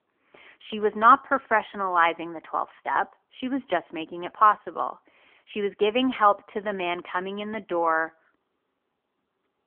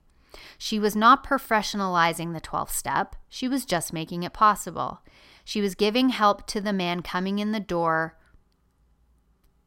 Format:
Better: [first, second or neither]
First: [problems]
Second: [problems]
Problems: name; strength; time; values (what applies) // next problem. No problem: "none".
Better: second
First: phone-call audio; poor line; nothing above 3.5 kHz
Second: none